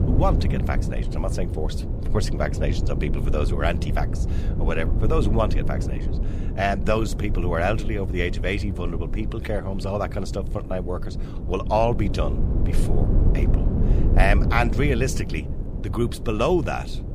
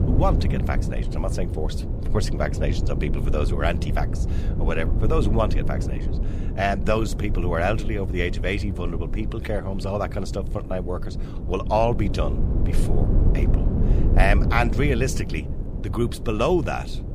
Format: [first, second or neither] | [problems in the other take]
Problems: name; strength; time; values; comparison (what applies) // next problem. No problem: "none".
neither | low rumble; loud; throughout; 10 dB below the speech; the same in both